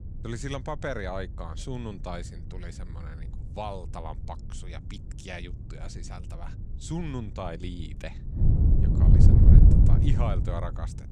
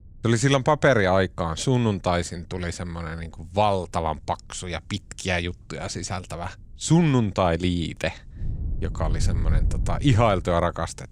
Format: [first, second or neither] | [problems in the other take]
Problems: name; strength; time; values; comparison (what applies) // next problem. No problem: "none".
second | wind noise on the microphone; heavy; 4 dB above the speech; occasional gusts in the second